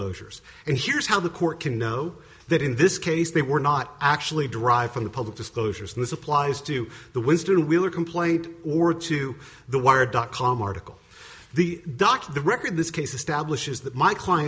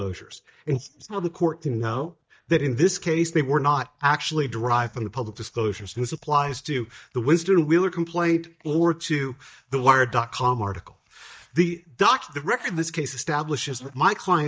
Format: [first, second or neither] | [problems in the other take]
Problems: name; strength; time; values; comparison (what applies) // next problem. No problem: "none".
first | noise reduction (neural mask model DeepFilterNet 3)